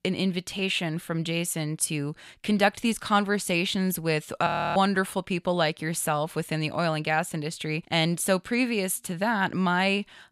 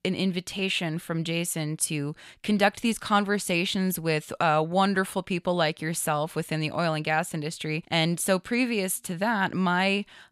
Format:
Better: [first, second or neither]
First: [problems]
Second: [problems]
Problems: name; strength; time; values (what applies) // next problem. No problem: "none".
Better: second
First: audio freezing; at 4.5 s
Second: none